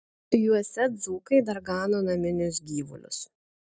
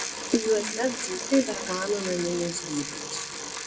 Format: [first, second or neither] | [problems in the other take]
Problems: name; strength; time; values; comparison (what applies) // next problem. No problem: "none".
first | background sound (Bicycle); 6 dB below the speech // room echo; dies away in 1.2 s